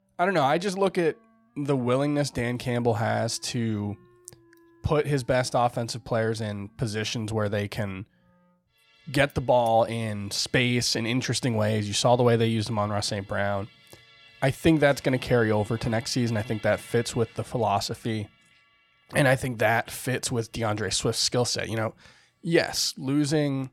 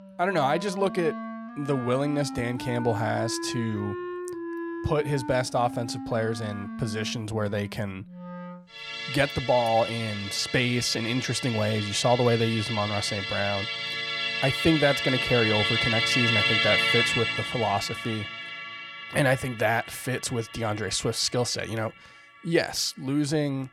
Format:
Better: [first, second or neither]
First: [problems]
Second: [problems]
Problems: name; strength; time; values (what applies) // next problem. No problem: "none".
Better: first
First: background music; faint; throughout; 30 dB below the speech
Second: background music; loud; throughout; 2 dB below the speech